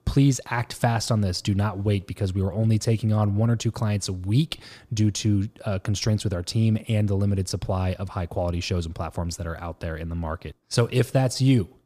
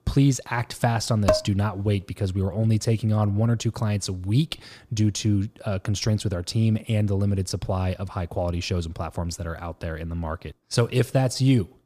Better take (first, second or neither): first